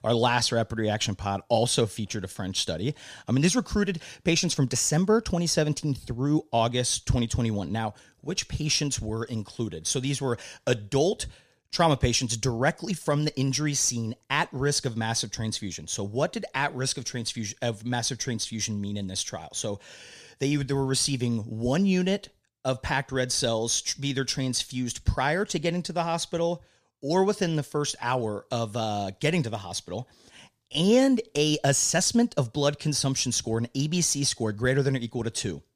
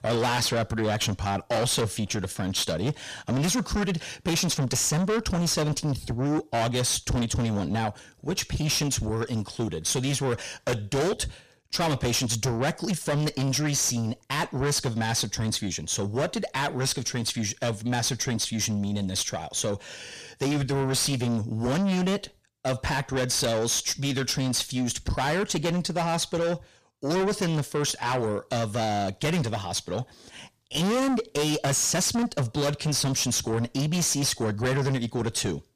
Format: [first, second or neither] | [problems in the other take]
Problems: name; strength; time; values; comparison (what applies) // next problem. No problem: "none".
first | distortion; heavy; 6 dB below the speech